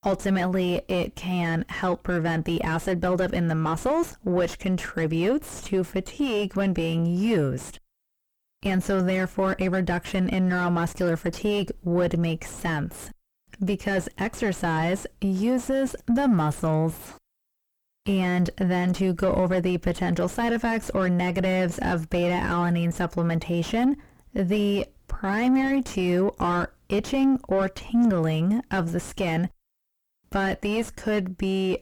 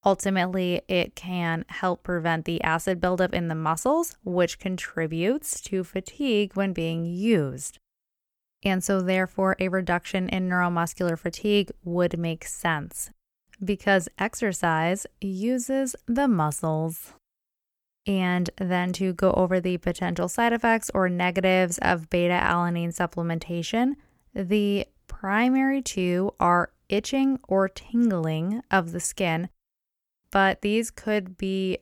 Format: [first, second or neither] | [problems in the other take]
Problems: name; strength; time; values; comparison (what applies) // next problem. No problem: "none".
second | distortion; heavy; 3 dB below the speech